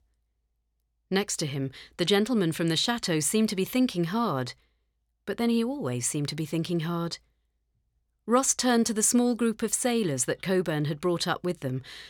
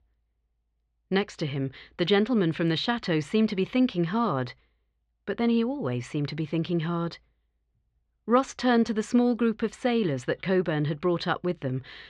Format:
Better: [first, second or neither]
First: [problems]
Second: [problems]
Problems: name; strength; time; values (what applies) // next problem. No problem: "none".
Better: first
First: none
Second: muffled; slightly; fading above 3.5 kHz